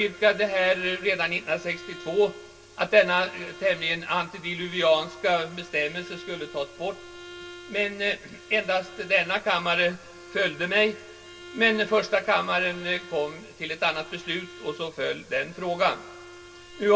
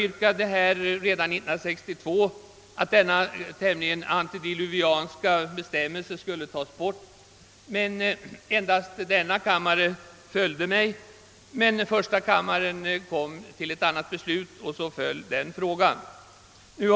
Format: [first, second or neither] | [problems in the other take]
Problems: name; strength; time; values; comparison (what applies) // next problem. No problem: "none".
second | background sound (Bowed string instrument); 19 dB below the speech // room echo; dies away in 0.1 s